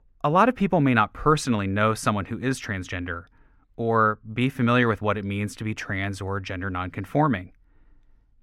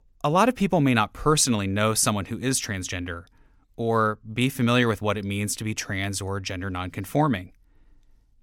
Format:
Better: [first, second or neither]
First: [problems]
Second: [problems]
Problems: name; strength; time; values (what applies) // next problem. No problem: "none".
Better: second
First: muffled; slightly; fading above 4 kHz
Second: none